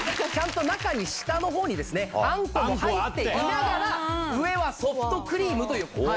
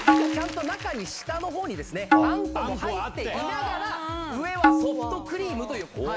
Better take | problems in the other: first | background sound (Tabla); 4 dB above the speech

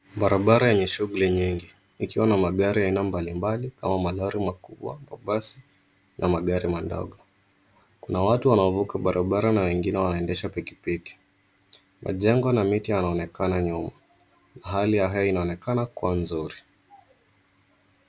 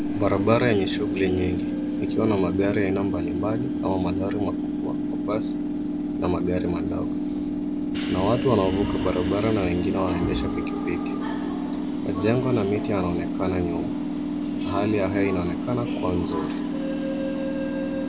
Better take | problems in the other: first | background sound (Subway, metro, underground / Train); 1 dB above the speech

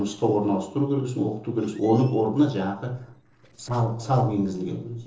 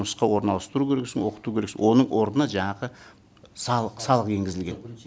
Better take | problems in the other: second | noise reduction (neural separator model SepFormer DNS4)

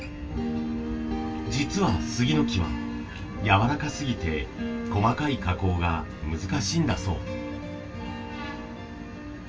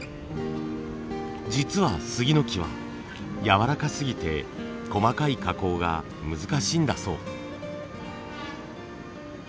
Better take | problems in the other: second | background sound (Bowed string instrument); 13 dB below the speech // room echo; dies away in 0.1 s

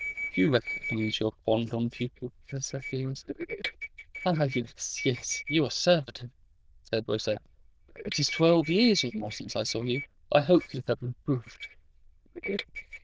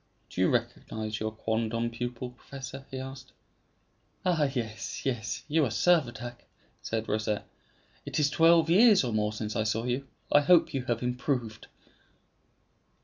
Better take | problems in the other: second | noise reduction (neural diffusion model UNIVERSE++)

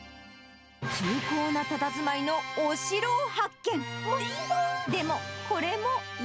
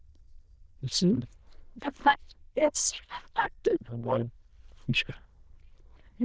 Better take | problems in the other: first | noise reduction (neural diffusion model UNIVERSE++)

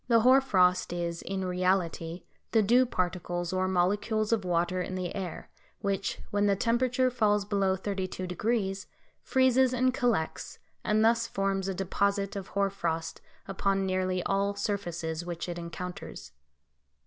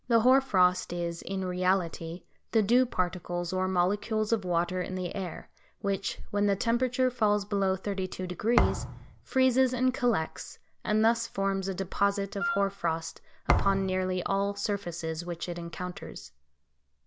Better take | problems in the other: first | background sound (Wind instrument, woodwind instrument + Thump, thud); 3 dB below the speech

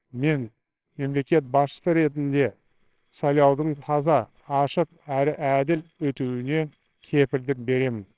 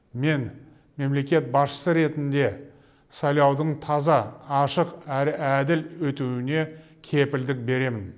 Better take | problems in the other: second | noise reduction (neural separator model SepFormer WHAMR!)

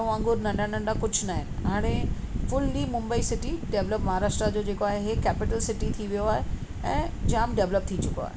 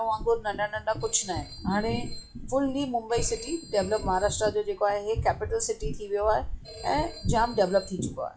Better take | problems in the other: first | noise reduction (classical method log-MMSE)

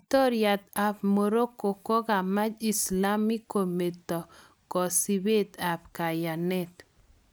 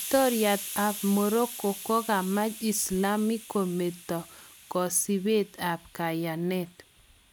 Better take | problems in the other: first | background sound (Hiss); 14 dB below the speech

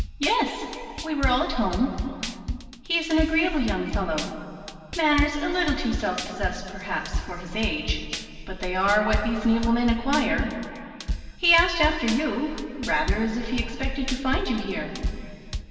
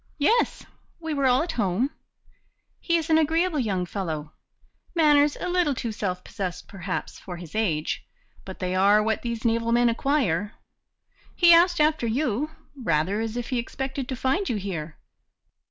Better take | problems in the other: second | background sound (Drum kit); 7 dB below the speech // room echo; dies away in 2.4 s

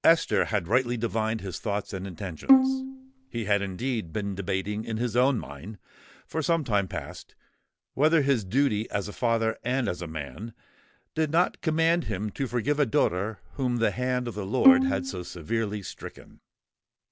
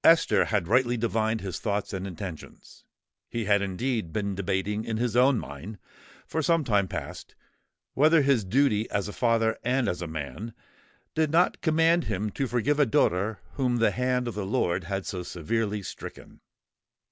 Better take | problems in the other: second | background sound (Bowed string instrument); 1 dB above the speech

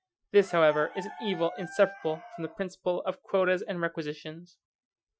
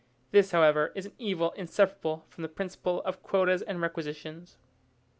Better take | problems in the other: second | noise reduction (classical method Wiener filter)

